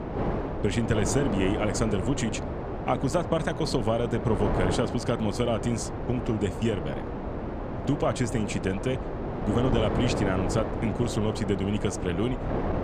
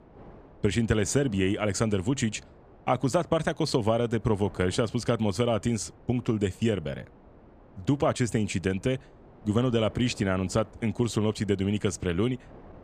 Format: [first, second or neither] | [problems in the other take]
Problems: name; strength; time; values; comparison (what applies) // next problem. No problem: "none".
second | wind noise on the microphone; heavy; 3 dB below the speech; occasional gusts in the second